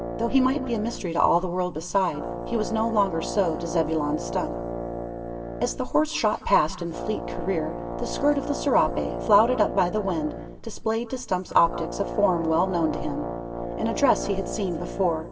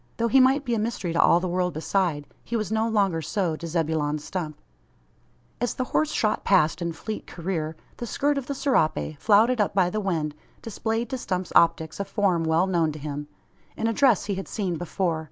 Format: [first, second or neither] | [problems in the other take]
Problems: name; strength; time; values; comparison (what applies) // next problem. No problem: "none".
second | background sound (Brass instrument); 8 dB below the speech // room echo; dies away in 1.8 s